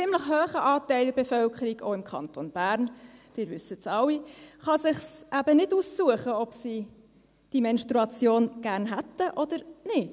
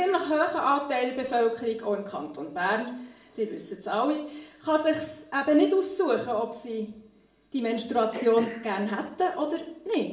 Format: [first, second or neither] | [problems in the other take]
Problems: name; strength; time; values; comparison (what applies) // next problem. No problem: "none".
first | background sound (Cough); 18 dB below the speech // room echo; dies away in 0.5 s